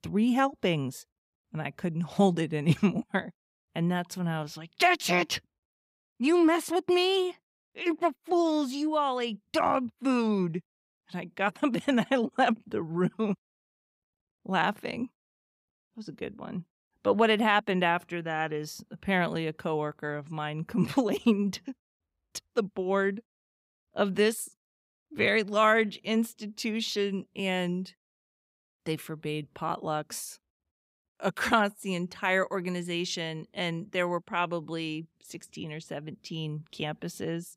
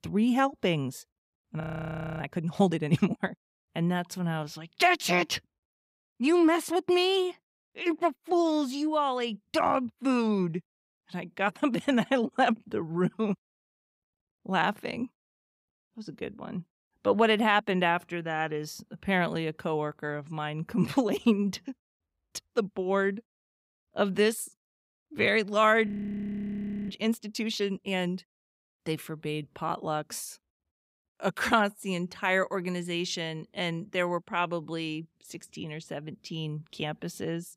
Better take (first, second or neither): first